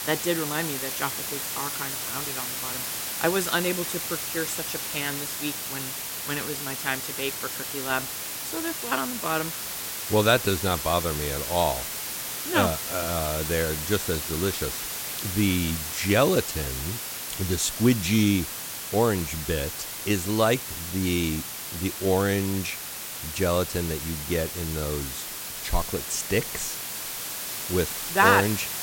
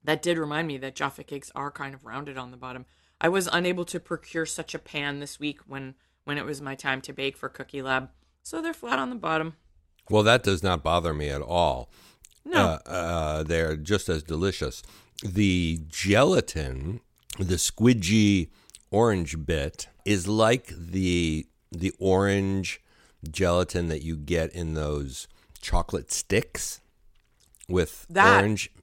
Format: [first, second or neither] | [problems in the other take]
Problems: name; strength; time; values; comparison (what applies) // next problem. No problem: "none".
second | hiss; loud; throughout; 3 dB below the speech